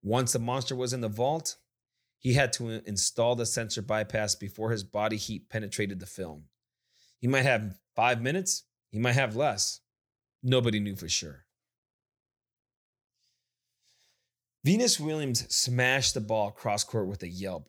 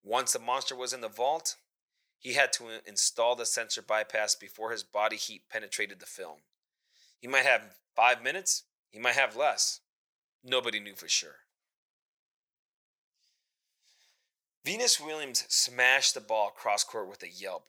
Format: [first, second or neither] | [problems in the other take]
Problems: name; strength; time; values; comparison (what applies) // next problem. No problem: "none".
first | thin; very; fading below 700 Hz